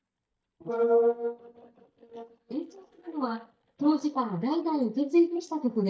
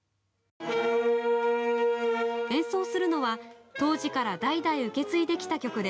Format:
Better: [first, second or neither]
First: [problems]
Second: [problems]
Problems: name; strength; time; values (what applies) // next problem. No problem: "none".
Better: second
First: noise reduction (neural mask model DeepFilterNet 3)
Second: none